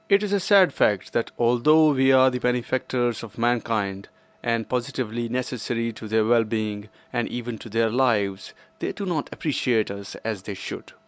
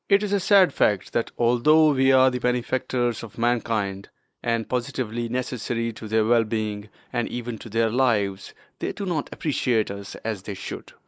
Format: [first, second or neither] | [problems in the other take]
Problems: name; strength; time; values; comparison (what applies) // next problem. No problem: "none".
first | noise reduction (neural mask model Resemble Enhance denoiser)